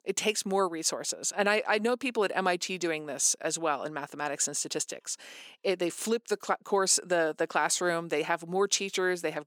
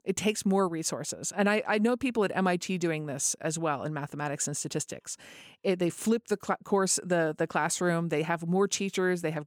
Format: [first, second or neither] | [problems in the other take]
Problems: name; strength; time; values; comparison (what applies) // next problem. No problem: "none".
second | thin; somewhat; fading below 350 Hz